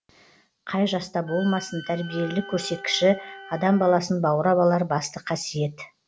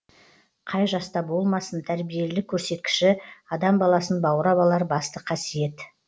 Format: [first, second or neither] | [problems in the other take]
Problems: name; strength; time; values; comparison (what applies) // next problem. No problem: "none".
second | background sound (Wind instrument, woodwind instrument + Wind instrument, woodwind instrument); 17 dB below the speech